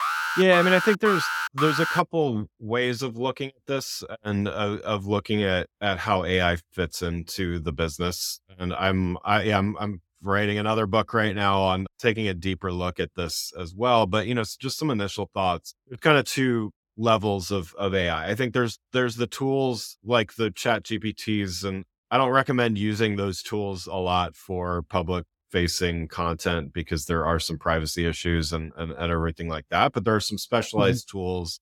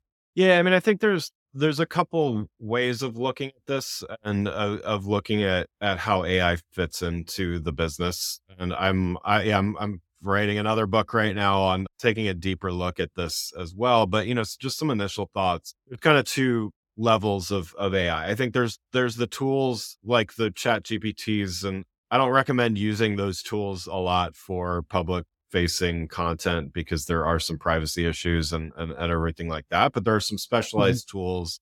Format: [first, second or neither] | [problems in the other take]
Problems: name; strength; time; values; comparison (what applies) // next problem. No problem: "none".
second | alarm; noticeable; until 2 s; peak level with the speech